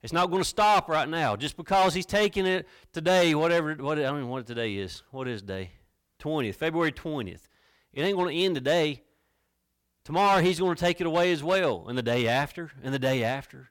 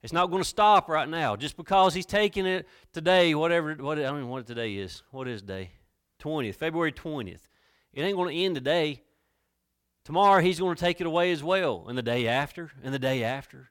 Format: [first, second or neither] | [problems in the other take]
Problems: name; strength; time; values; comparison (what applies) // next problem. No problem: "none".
second | distortion; slight; 4% of the sound clipped